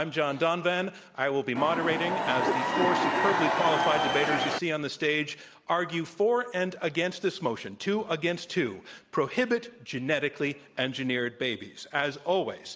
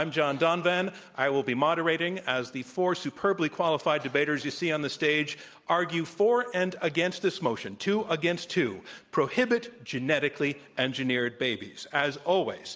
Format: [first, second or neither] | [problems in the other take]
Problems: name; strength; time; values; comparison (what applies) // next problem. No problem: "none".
second | background sound (Crowd / Cheering); 2 dB above the speech